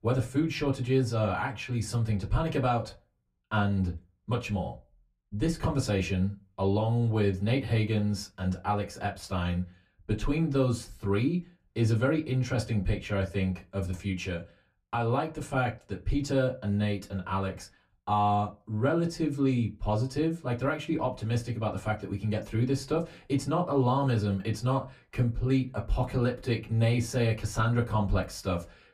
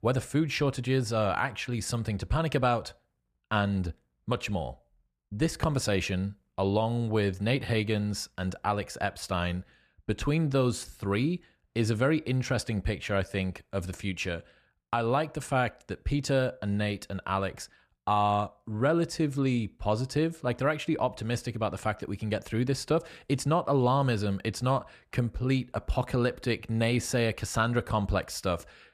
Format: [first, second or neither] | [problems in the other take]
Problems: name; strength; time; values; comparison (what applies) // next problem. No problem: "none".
second | off-mic speech; far // room echo; very slight; dies away in 0.2 s